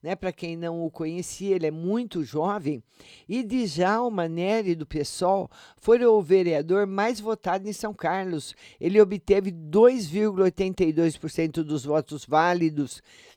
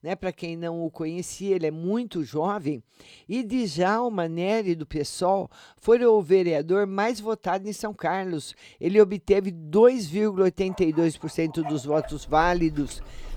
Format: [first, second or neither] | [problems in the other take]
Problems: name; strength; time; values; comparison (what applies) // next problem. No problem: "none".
first | animal sounds; noticeable; from 11 s on; 15 dB below the speech